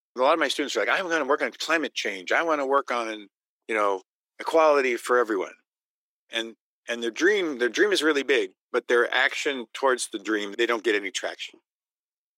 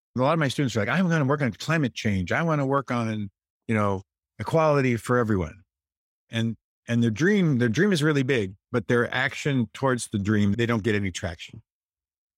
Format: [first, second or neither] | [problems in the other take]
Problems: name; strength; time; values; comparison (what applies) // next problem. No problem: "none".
second | thin; very; fading below 350 Hz